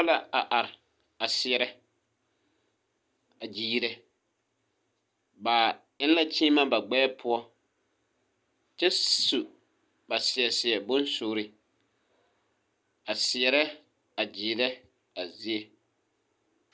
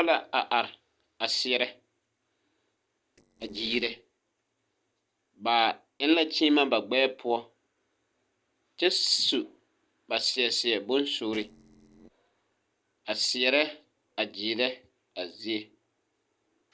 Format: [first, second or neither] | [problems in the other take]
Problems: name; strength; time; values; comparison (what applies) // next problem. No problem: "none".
first | noise reduction (neural separator model SepFormer DNS4)